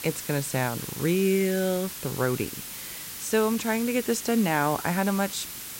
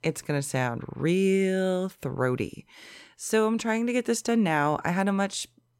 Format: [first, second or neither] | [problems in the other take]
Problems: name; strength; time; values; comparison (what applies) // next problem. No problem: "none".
second | hiss; loud; throughout; 9 dB below the speech